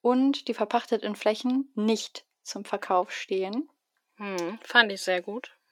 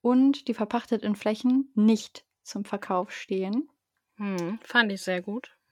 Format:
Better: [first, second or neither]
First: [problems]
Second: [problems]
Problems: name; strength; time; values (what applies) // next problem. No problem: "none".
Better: second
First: thin; very slightly; fading below 350 Hz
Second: none